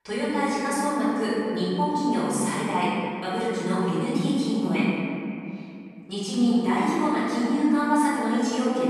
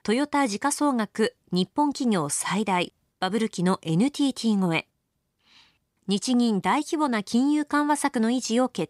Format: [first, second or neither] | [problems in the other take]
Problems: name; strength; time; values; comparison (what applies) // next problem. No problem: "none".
second | room echo; strong; dies away in 2.5 s // off-mic speech; far